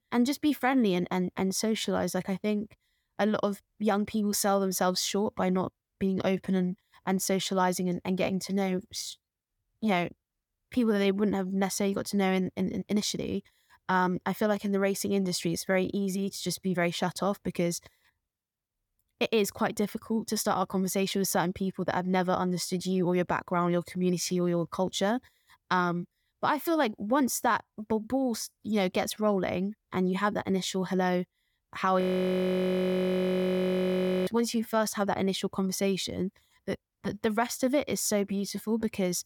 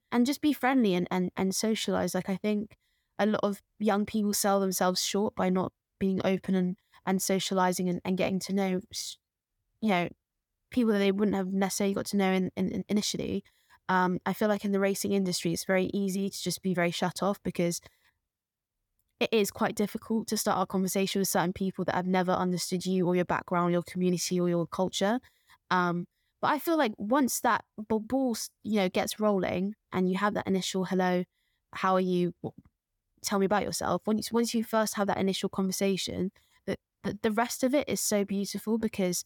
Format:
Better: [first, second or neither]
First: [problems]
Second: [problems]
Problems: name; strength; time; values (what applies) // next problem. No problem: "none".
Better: second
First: audio freezing; at 32 s for 2.5 s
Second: none